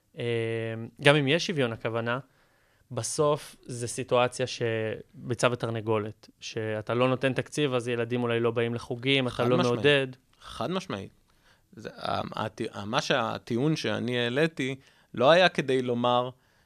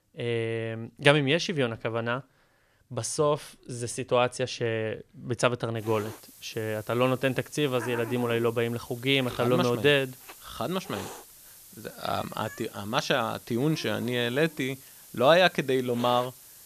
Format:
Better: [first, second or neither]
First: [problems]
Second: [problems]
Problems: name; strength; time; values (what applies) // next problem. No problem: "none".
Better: first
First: none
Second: hiss; noticeable; from 6 s on; 15 dB below the speech